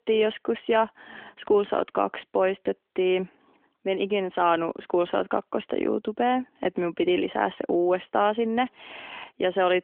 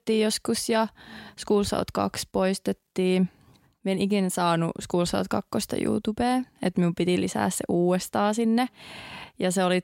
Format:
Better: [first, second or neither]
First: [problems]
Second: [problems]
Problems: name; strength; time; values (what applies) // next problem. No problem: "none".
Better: second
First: phone-call audio; nothing above 3.5 kHz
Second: none